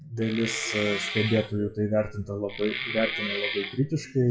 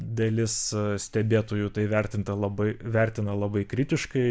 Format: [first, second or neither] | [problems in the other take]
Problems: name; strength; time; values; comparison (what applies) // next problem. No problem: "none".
second | noise reduction (classical method WPE with log-MMSE)